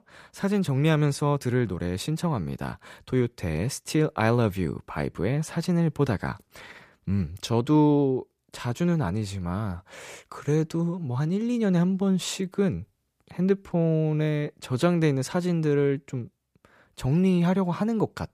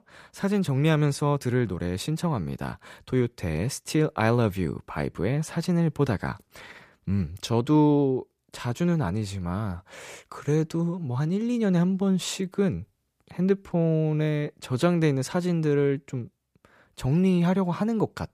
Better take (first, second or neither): neither